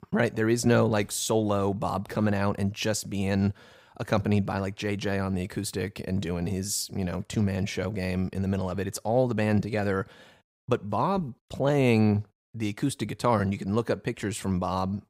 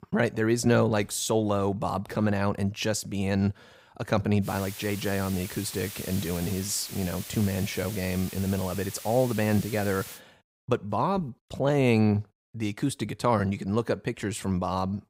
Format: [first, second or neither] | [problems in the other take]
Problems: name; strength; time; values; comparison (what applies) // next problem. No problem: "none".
first | hiss; noticeable; from 4.5 to 10 s; 10 dB below the speech